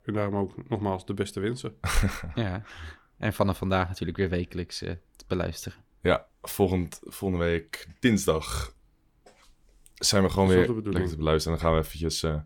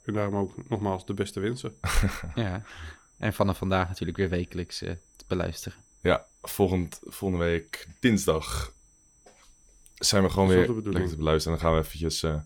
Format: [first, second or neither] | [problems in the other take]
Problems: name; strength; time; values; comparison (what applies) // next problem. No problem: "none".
first | high-pitched whine; faint; throughout; 6 kHz, 30 dB below the speech